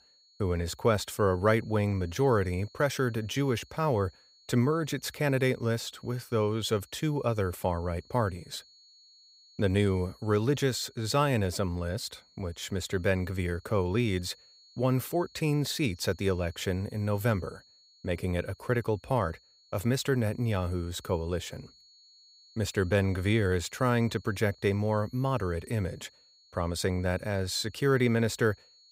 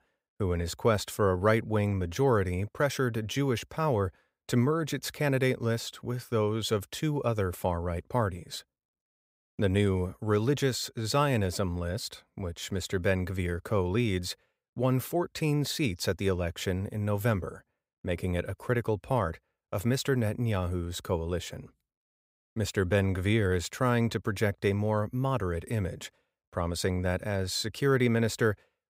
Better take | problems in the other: second | high-pitched whine; faint; throughout; 4.5 kHz, 30 dB below the speech

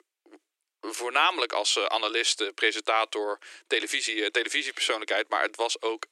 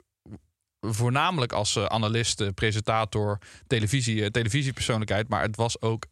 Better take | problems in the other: second | thin; very; fading below 300 Hz

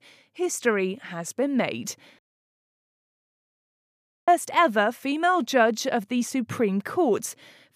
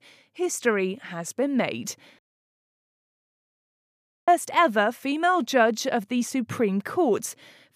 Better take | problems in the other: neither | audio cutting out; at 2 s for 2 s; the same in both

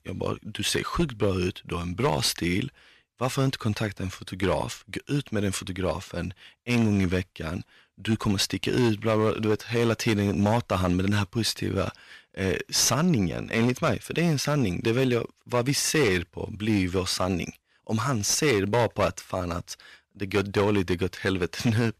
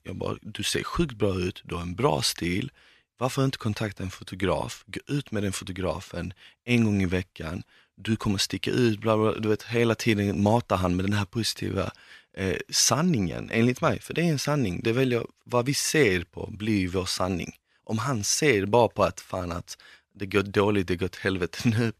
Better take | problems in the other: second | distortion; slight; 6% of the sound clipped

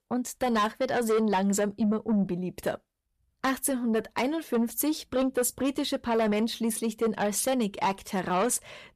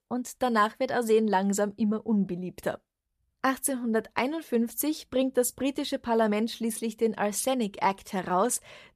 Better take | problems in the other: second | distortion; slight; 10 dB below the speech

